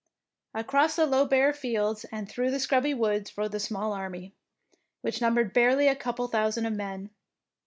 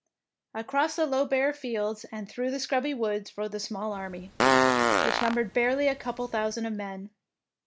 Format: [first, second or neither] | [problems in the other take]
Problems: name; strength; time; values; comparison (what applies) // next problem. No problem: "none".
first | background sound (Fart); 3 dB above the speech